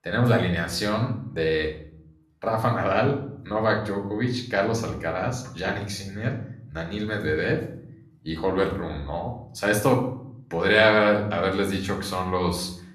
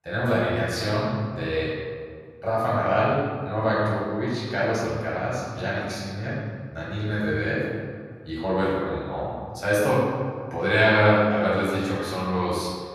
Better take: first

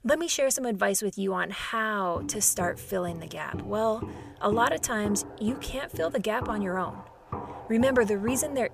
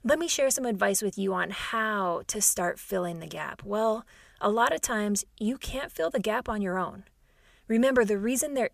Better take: second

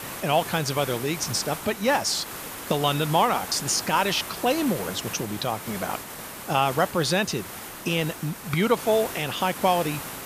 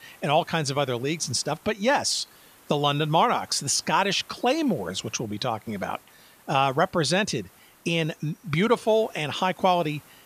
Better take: second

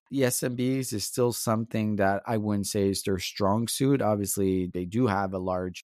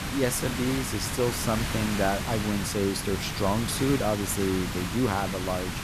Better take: first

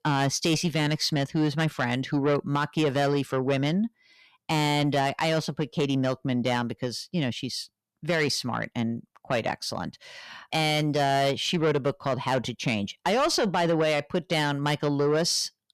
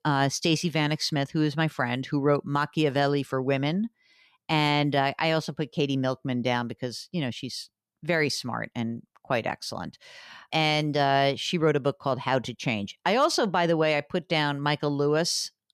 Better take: second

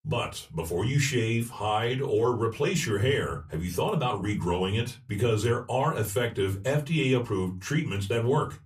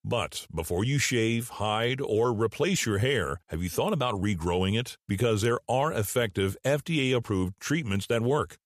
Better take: second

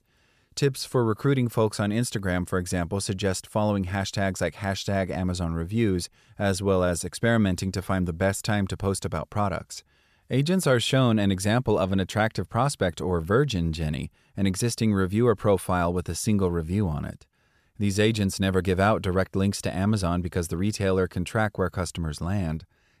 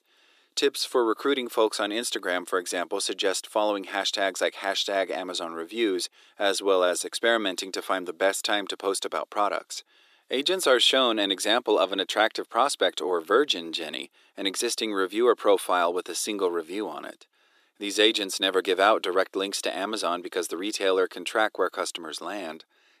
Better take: first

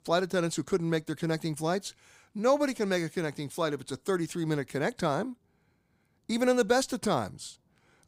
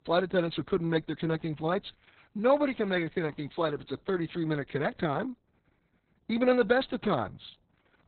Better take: first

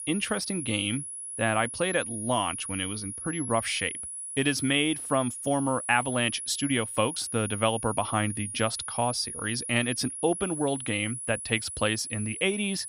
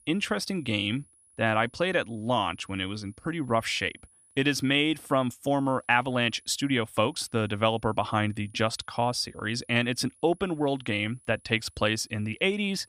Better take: second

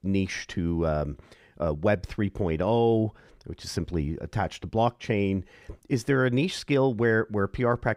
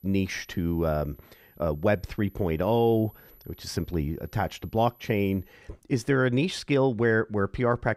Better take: first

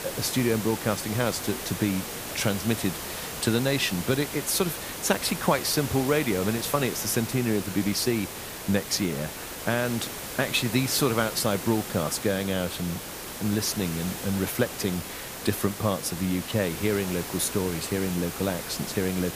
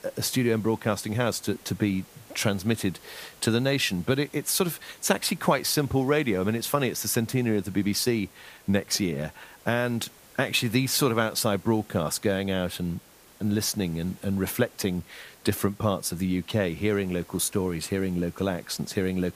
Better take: second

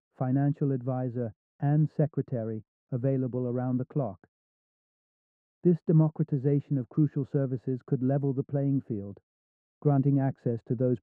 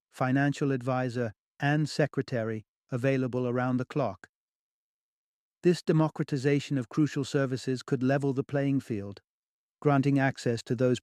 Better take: second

